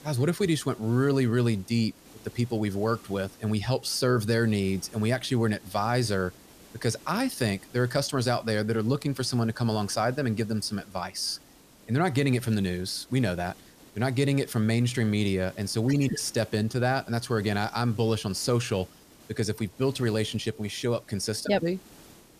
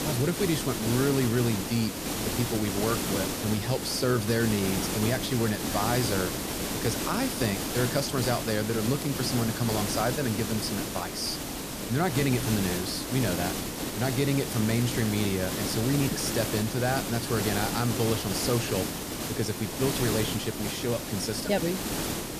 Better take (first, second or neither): first